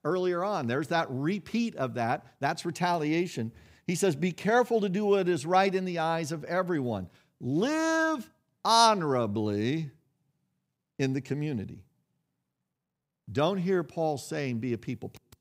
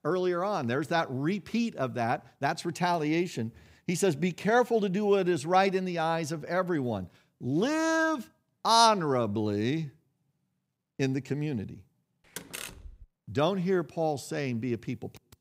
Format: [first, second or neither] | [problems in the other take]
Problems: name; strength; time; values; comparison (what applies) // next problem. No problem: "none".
first | door banging; faint; at 12 s; peak 10 dB below the speech